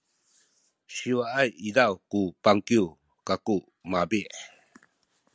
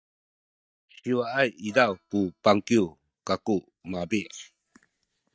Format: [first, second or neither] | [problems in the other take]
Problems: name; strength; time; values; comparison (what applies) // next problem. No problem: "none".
first | noise reduction (neural mask model DeepFilterNet 3)